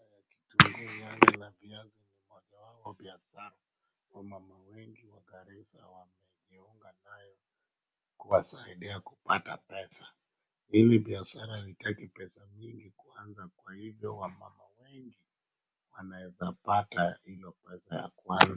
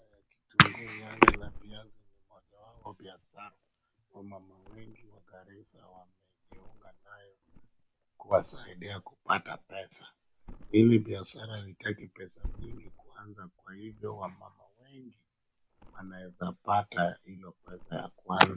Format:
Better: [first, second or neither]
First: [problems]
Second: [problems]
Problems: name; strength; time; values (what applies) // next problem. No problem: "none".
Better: first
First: none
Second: background sound (Thump, thud); 16 dB below the speech